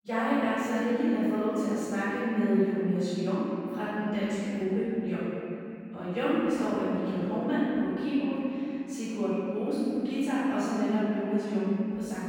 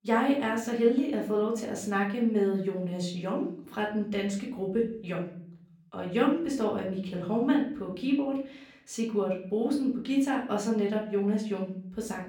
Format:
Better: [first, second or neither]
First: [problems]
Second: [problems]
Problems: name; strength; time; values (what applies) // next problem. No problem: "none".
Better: second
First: room echo; strong; dies away in 3 s // off-mic speech; far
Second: room echo; slight; dies away in 0.6 s // off-mic speech; far